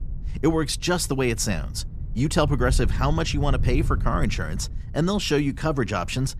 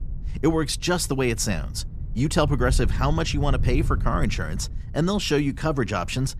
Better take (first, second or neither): neither